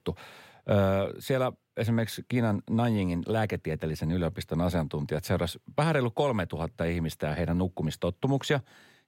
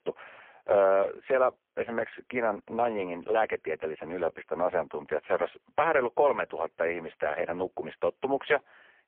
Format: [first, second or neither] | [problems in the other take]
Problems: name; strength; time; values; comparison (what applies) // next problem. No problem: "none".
first | phone-call audio; poor line; nothing above 3.5 kHz